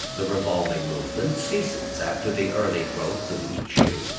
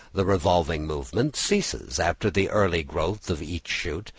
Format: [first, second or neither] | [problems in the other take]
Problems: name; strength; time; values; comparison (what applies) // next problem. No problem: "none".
second | background sound (Squeak); 1 dB below the speech // room echo; dies away in 0.9 s